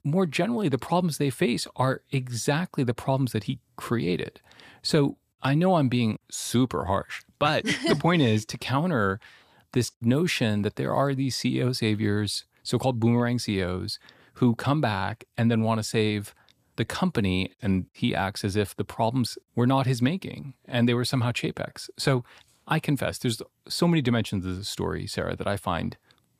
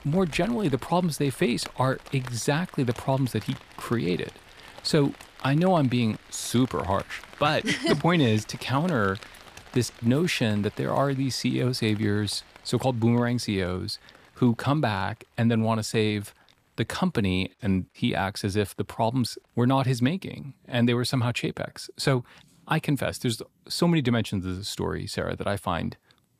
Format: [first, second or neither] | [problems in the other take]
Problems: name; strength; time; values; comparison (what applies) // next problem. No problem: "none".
first | rain or running water; faint; throughout; 20 dB below the speech